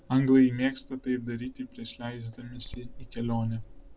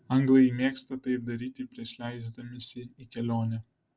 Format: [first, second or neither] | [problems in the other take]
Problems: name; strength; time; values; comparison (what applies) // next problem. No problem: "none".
second | background sound (Cricket); 16 dB below the speech